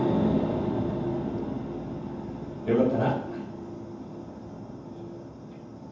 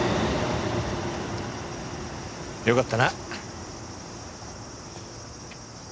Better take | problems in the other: second | room echo; dies away in 0.9 s

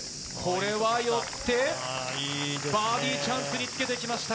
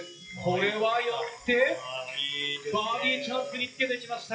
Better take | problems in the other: first | noise reduction (classical method WPE with log-MMSE)

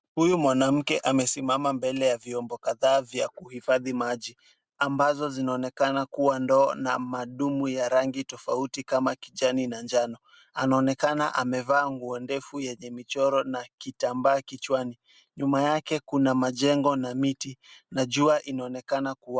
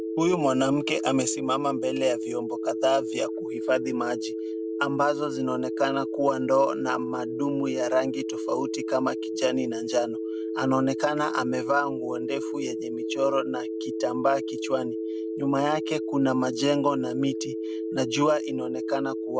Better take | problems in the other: first | background sound (Telephone); 4 dB below the speech

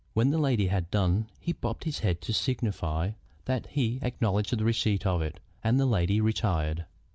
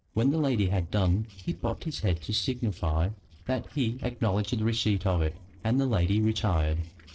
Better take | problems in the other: first | noise reduction (neural separator model SepFormer DNS4)

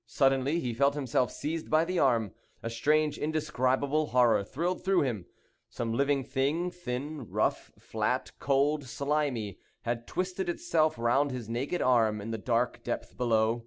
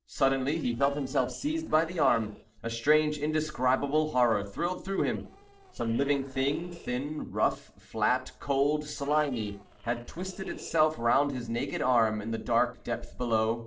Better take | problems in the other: first | noise reduction (neural separator model SepFormer DNS4)

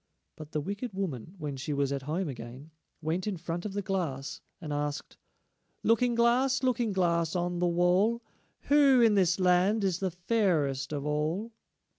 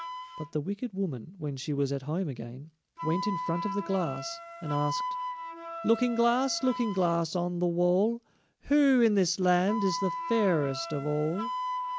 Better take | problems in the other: first | background sound (Wind instrument, woodwind instrument); 9 dB below the speech

